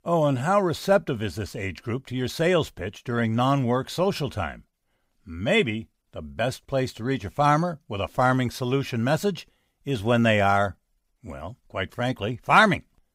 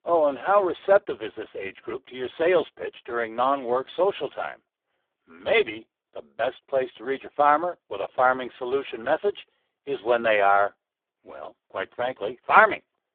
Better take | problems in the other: first | phone-call audio; poor line; nothing above 3.5 kHz

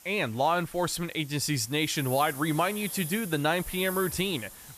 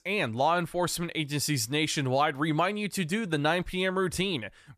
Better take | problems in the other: second | hiss; noticeable; throughout; 10 dB below the speech

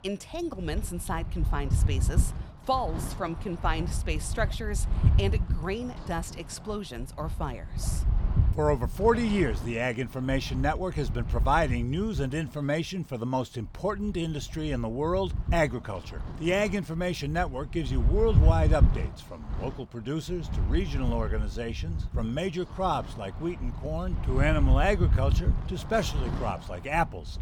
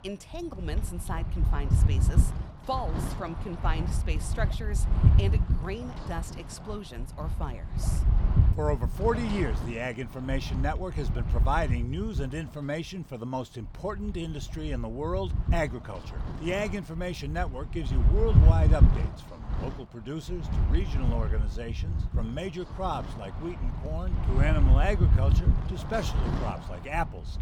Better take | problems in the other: first | wind noise on the microphone; heavy; 7 dB below the speech; occasional gusts in the first

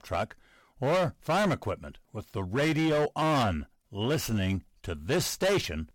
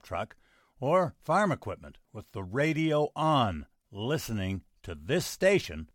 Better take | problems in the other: second | distortion; heavy; 13% of the sound clipped

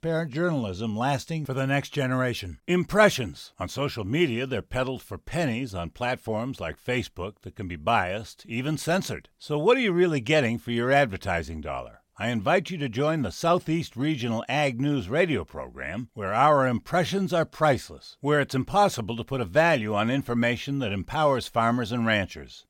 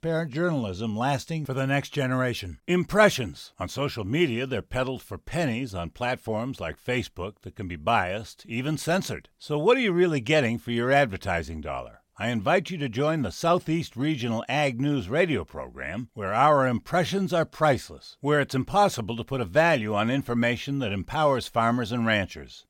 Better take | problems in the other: neither | none

